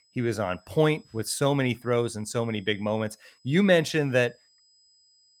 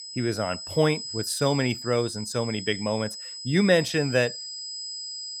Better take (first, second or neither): first